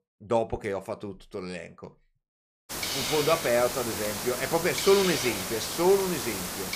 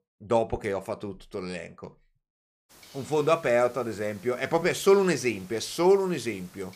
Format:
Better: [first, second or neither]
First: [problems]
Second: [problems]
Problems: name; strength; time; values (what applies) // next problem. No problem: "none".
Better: second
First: hiss; loud; from 2.5 s on; 3 dB below the speech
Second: hiss; faint; from 2.5 s on; 25 dB below the speech